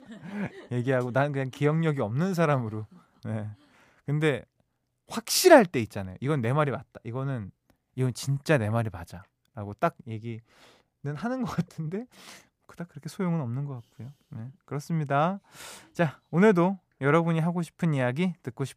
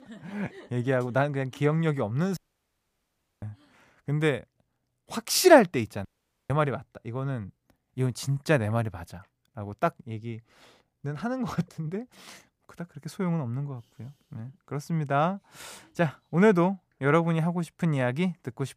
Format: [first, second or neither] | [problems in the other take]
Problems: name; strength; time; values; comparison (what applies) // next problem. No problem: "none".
first | audio cutting out; at 2.5 s for 1 s and at 6 s